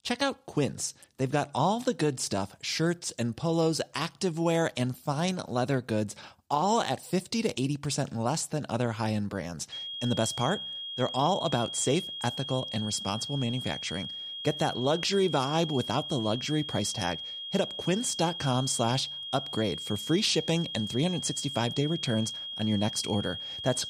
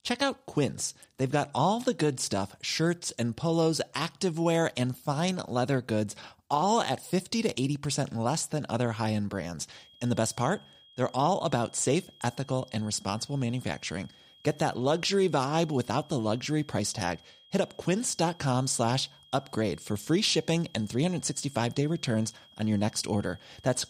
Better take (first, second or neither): second